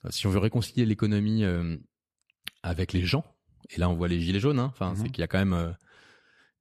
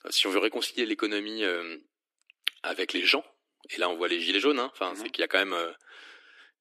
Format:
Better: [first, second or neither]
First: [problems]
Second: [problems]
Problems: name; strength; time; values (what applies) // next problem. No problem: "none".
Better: first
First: none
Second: thin; very; fading below 300 Hz